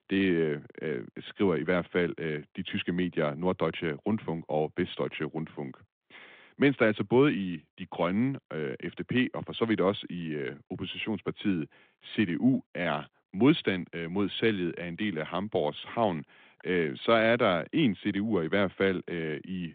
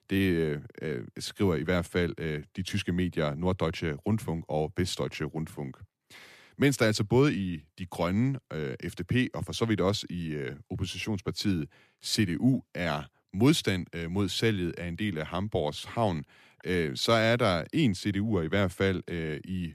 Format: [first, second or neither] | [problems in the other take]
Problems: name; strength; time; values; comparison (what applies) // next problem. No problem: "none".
second | phone-call audio; nothing above 3.5 kHz